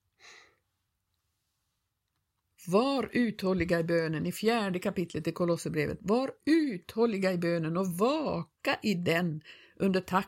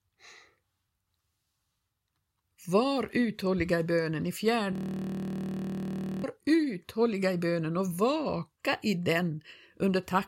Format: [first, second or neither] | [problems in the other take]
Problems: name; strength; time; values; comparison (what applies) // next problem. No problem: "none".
first | audio freezing; at 4.5 s for 1.5 s